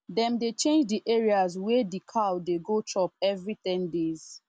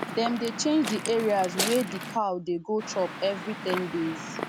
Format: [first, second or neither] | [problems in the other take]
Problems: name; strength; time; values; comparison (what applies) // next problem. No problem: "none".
first | background sound (Waves, surf / Wind); 7 dB below the speech